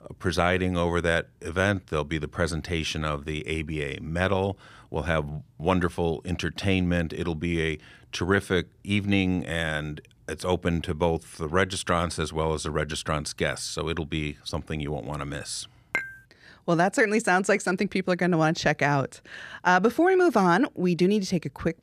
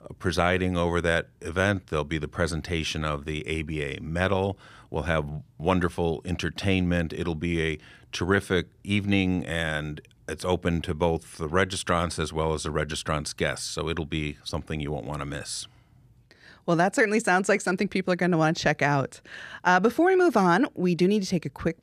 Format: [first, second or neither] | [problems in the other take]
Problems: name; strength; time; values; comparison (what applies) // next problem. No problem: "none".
second | clattering dishes; noticeable; at 16 s; peak 5 dB below the speech